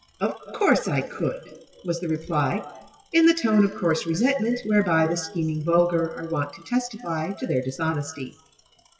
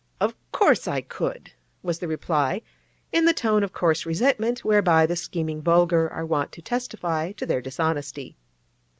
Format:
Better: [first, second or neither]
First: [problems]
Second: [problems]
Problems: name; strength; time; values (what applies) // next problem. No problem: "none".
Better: second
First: noise reduction (classical method WPE with log-MMSE)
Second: none